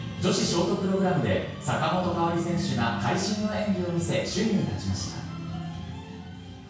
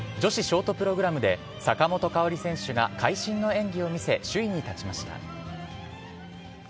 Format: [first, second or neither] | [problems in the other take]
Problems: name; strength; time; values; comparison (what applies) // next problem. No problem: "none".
second | room echo; dies away in 0.6 s